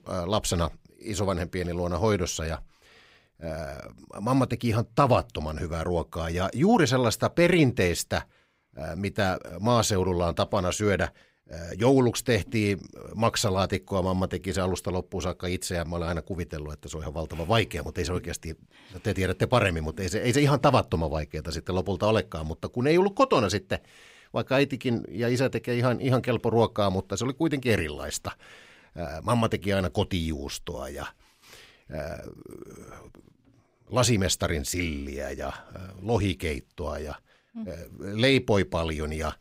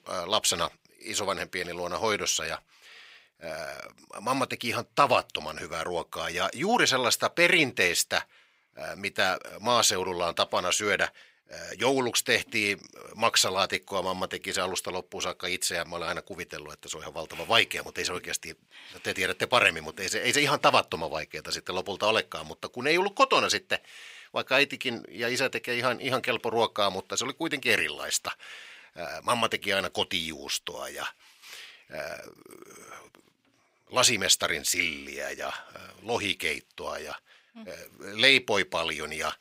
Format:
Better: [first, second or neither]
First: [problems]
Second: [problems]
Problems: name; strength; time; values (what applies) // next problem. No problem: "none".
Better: first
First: none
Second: thin; somewhat; fading below 1 kHz